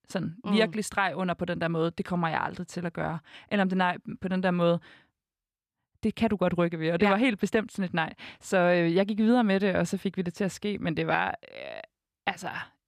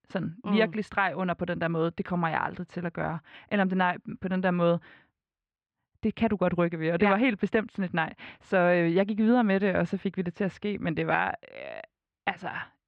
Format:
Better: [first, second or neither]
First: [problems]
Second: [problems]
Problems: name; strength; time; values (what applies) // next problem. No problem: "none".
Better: first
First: none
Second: muffled; slightly; fading above 2.5 kHz